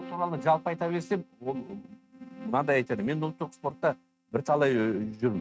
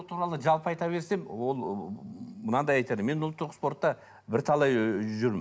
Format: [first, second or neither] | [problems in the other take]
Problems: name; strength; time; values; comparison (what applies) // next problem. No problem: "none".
second | noise reduction (neural mask model RNNoise)